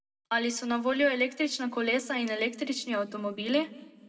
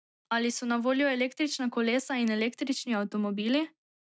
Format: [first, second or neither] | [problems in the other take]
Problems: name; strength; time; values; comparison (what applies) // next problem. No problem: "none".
second | room echo; dies away in 0.7 s